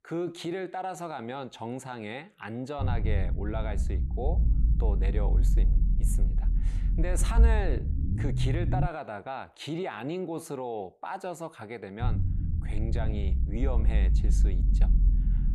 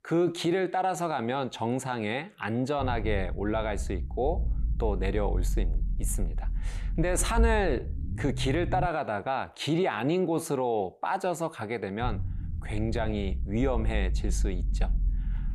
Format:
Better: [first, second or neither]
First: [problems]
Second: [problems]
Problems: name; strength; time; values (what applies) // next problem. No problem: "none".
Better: second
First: low rumble; loud; from 3 to 9 s and from 12 s on; 9 dB below the speech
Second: low rumble; faint; from 3 to 9 s and from 12 s on; 20 dB below the speech